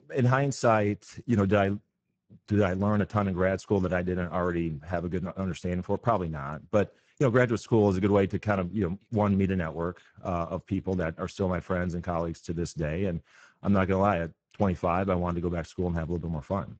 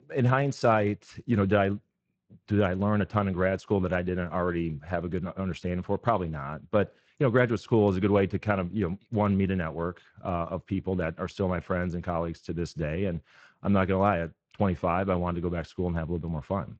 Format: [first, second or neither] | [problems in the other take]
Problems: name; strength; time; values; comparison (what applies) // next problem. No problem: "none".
second | garbled, watery; badly; nothing above 7.5 kHz; slightly in the second